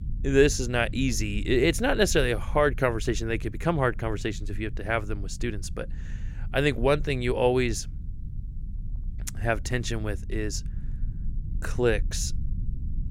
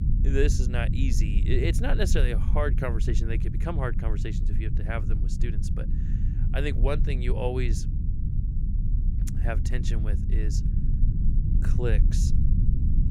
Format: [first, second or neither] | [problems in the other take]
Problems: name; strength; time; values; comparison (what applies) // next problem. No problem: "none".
first | low rumble; loud; throughout; 8 dB below the speech; faint in the first